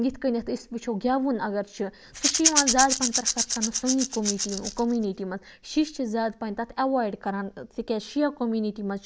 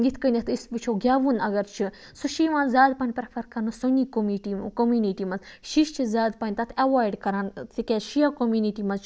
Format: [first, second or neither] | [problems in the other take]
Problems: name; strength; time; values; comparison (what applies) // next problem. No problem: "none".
second | background sound (Rattle / Rattle (instrument)); as loud as the speech